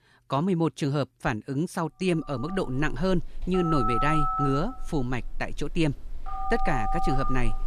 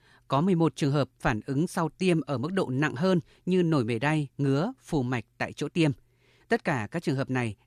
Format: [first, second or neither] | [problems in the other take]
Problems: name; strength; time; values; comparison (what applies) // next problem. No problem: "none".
second | alarms or sirens; loud; from 2.5 s on; 3 dB below the speech